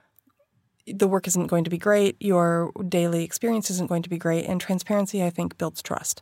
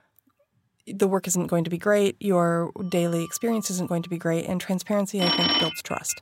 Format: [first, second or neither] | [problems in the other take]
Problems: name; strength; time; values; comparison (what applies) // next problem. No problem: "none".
first | alarms or sirens; very faint; from 3 s on; 2 dB above the speech